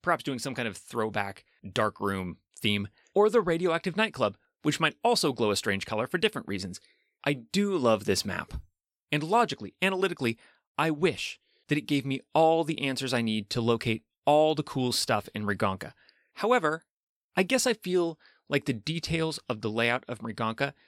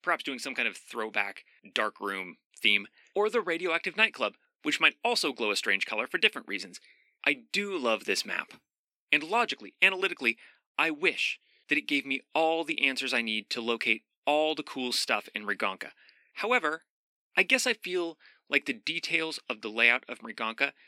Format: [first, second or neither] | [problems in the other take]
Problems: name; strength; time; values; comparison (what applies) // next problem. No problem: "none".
first | thin; very slightly; fading below 250 Hz